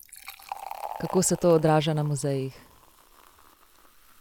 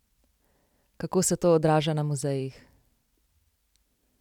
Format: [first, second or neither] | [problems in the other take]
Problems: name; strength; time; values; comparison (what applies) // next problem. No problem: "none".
second | background sound (Fill (with liquid)); 15 dB below the speech